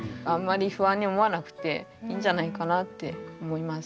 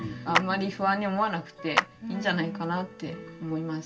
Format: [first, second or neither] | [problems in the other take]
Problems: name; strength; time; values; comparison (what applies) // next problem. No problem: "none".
first | background sound (Clapping); 4 dB below the speech // room echo; dies away in 0.2 s